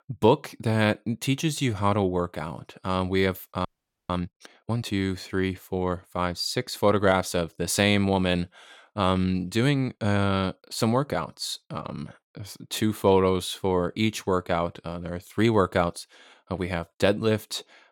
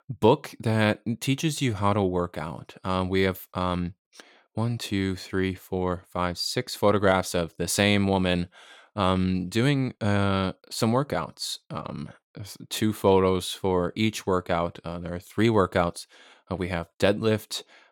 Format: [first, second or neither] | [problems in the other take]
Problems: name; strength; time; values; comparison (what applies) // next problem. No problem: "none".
second | audio freezing; at 3.5 s